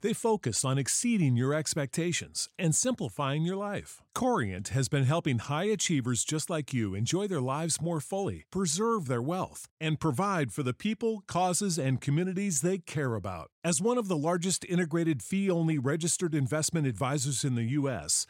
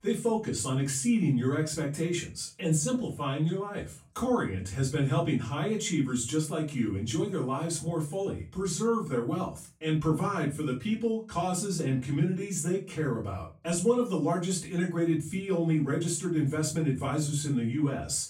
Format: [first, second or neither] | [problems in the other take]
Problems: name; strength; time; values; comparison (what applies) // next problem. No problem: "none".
first | off-mic speech; far // room echo; slight; dies away in 0.3 s